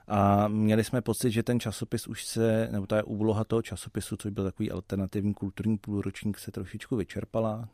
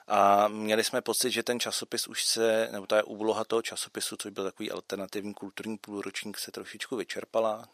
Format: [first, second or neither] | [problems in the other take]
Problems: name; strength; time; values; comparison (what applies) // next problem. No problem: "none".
first | thin; somewhat; fading below 500 Hz